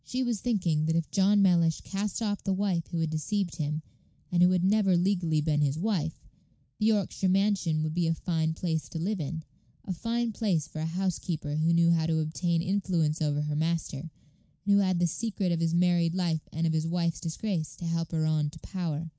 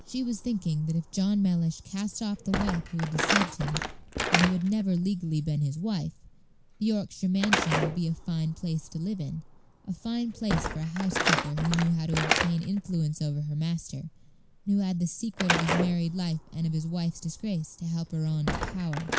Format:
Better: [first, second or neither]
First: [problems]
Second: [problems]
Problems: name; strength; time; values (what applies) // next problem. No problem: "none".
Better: first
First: none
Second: background sound (Slam / Wood); 5 dB below the speech